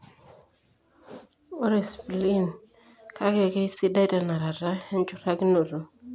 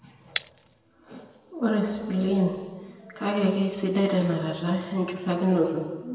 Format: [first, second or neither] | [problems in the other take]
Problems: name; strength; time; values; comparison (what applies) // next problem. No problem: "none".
first | background sound (Shatter); 16 dB below the speech // room echo; dies away in 1.3 s